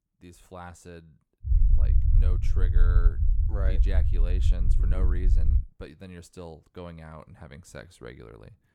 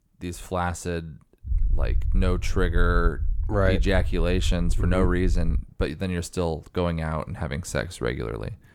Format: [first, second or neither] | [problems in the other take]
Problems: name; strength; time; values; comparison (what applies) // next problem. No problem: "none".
second | low rumble; loud; from 1.5 to 5.5 s; 2 dB below the speech; faint in the second